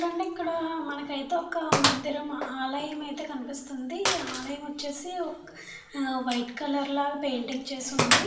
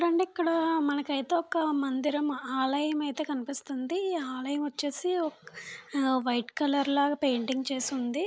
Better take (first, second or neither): second